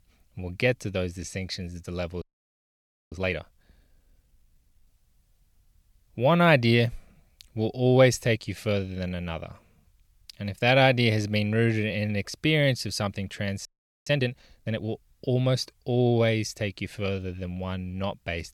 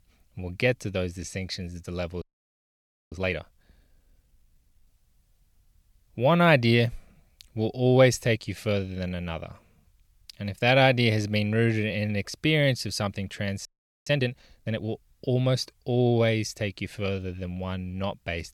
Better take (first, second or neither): neither